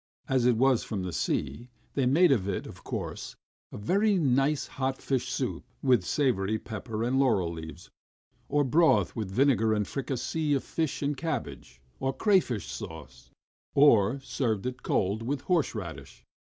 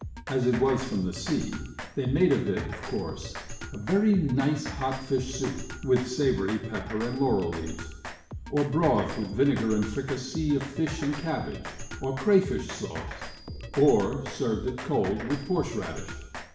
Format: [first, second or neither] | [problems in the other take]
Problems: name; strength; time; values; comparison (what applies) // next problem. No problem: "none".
first | background sound (Drum kit); 11 dB below the speech // room echo; dies away in 0.9 s